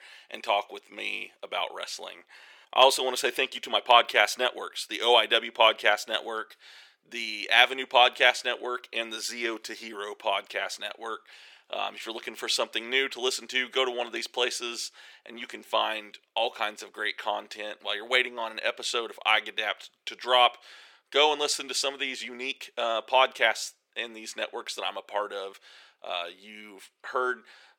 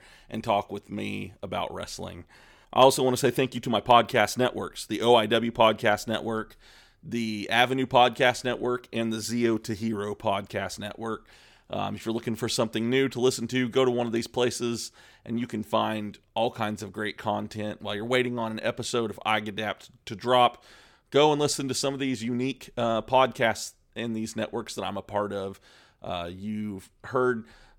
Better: second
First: thin; very; fading below 450 Hz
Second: none

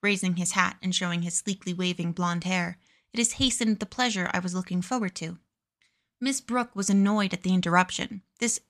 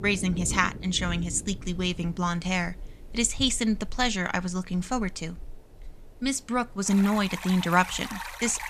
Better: first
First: none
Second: rain or running water; noticeable; throughout; 15 dB below the speech

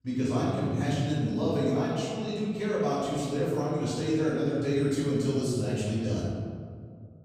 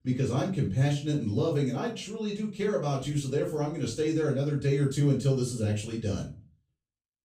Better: second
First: room echo; strong; dies away in 1.9 s // off-mic speech; far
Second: room echo; slight; dies away in 0.3 s // off-mic speech; far

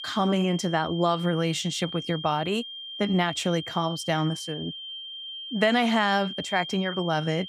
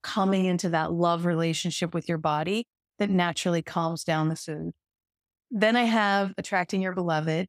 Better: second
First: high-pitched whine; loud; throughout; 3 kHz, 9 dB below the speech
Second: none

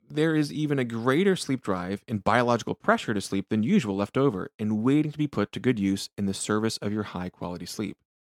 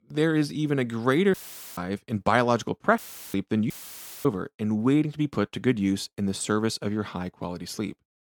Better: first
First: none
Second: audio cutting out; filled with static; at 1.5 s, at 3 s and at 3.5 s for 0.5 s

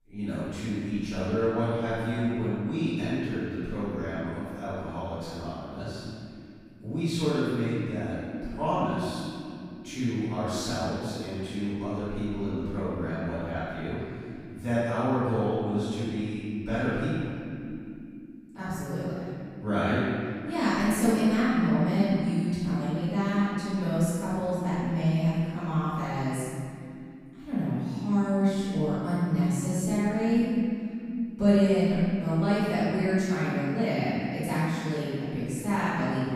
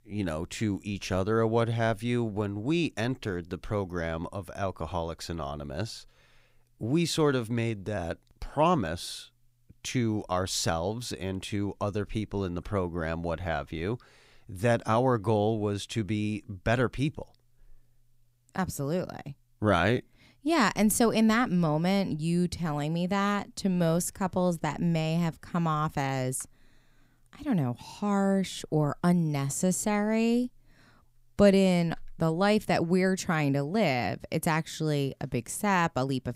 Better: second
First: off-mic speech; far // room echo; strong; dies away in 3 s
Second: none

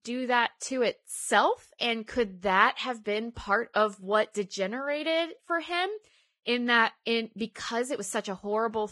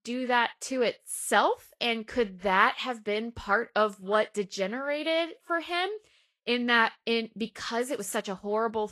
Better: second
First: garbled, watery; badly; nothing above 10.5 kHz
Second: garbled, watery; slightly; nothing above 11.5 kHz

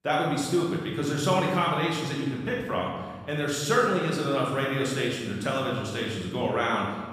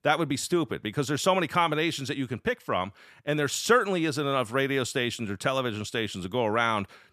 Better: second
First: room echo; noticeable; dies away in 1.4 s // off-mic speech; far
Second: none

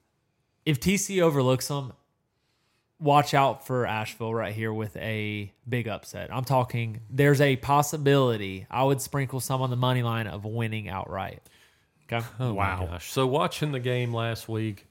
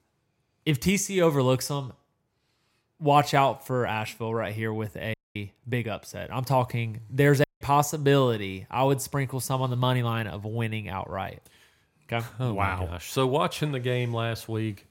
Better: first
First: none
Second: audio cutting out; at 5 s and at 7.5 s

